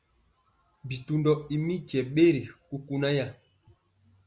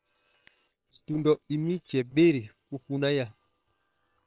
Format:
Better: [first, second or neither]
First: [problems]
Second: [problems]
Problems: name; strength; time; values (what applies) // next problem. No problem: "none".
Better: first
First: none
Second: noise reduction (neural separator model SepFormer WHAM!)